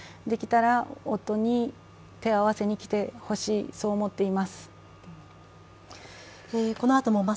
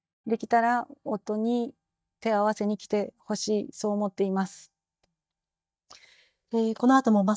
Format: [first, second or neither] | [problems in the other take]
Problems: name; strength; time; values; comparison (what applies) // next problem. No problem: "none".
first | noise reduction (neural mask model DeepFilterNet 3)